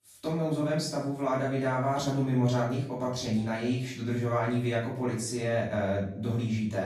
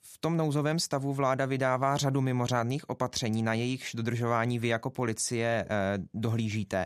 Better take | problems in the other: second | room echo; noticeable; dies away in 0.6 s // off-mic speech; far

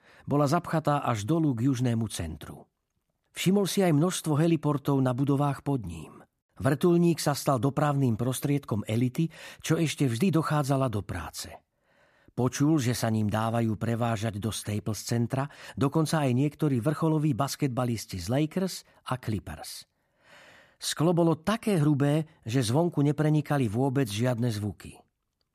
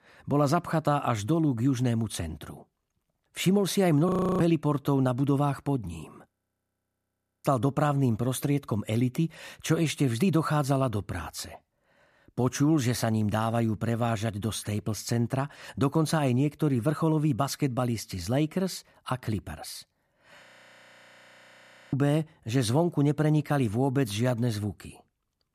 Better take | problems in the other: first | audio freezing; at 4 s, at 6.5 s for 1 s and at 20 s for 1.5 s

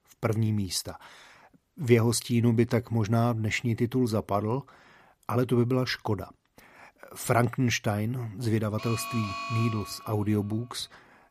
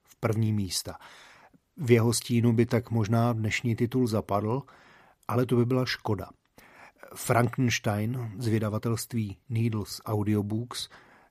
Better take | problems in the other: second | alarm; noticeable; from 9 to 10 s; peak 6 dB below the speech

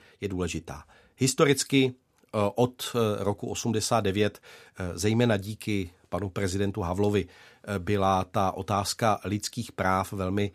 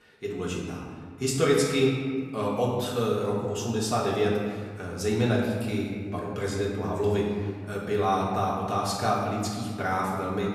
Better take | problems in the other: first | room echo; noticeable; dies away in 1.7 s // off-mic speech; far

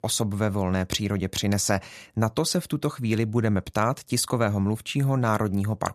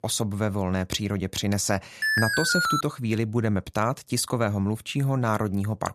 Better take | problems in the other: first | alarm; loud; at 2 s; peak 3 dB above the speech

